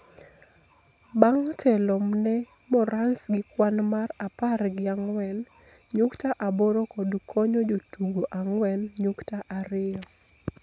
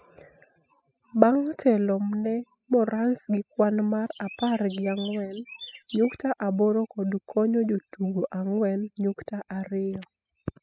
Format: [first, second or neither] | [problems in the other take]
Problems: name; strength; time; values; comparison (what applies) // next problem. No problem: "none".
first | noise reduction (classical method spectral subtraction)